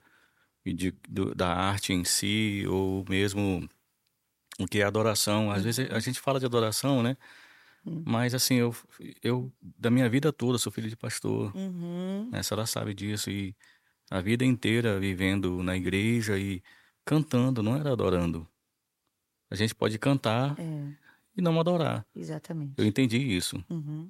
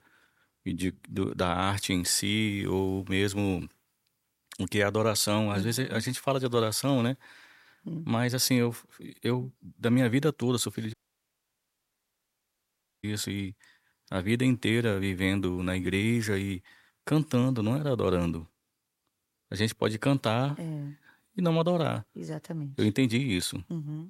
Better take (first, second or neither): first